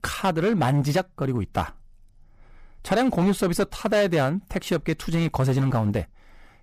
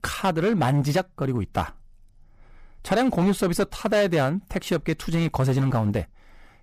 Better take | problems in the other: neither | distortion; slight; 6% of the sound clipped; the same in both

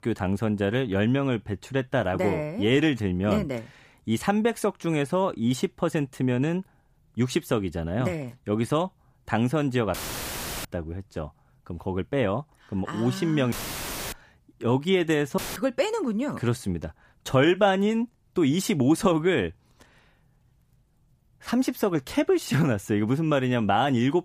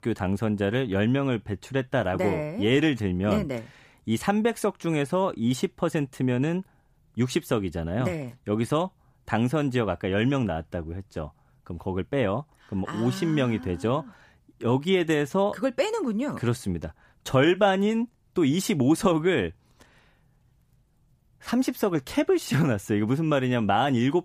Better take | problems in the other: second | audio cutting out; filled with static; at 10 s for 0.5 s, at 14 s for 0.5 s and at 15 s

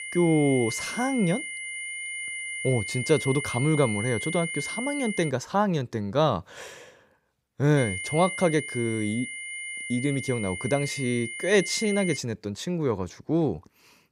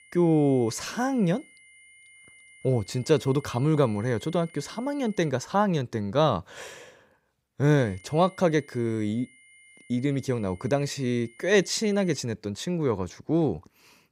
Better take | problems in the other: second | high-pitched whine; loud; until 5.5 s and from 8 to 12 s; 2 kHz, 6 dB below the speech; faint in the second

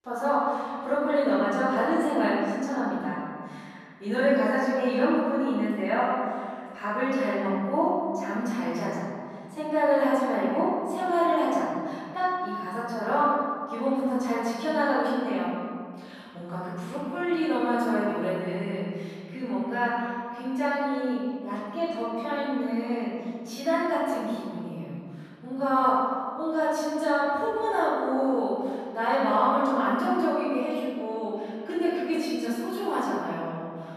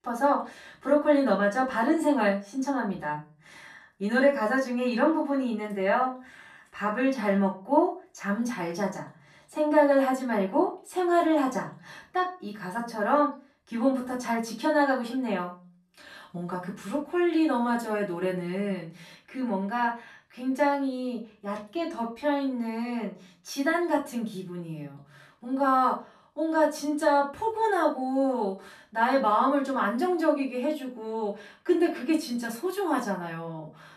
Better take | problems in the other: second | room echo; strong; dies away in 2 s; slight in the second // off-mic speech; far; far in the second

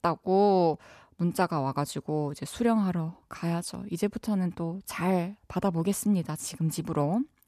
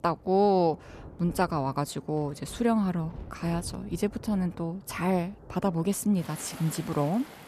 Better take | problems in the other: first | rain or running water; noticeable; throughout; 20 dB below the speech

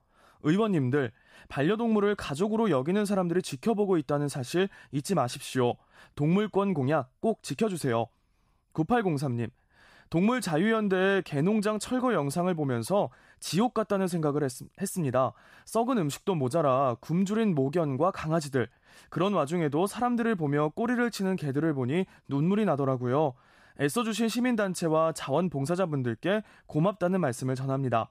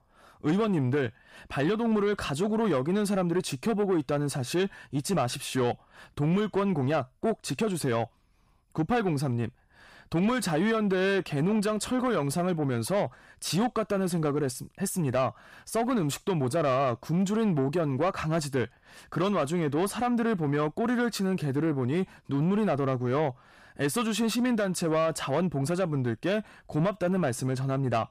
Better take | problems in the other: first | distortion; slight; 10 dB below the speech

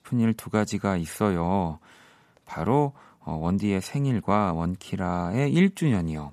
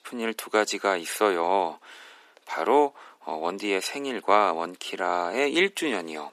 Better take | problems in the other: first | thin; very; fading below 350 Hz

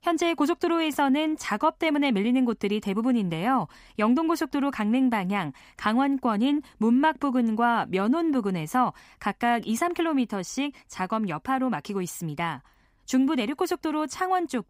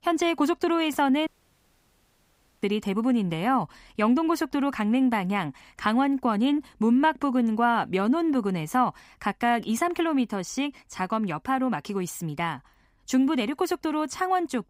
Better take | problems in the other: first | audio cutting out; at 1.5 s for 1.5 s

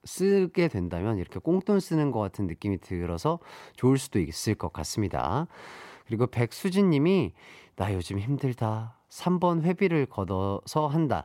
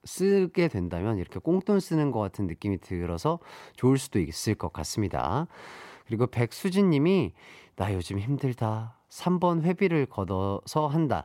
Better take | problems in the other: neither | none

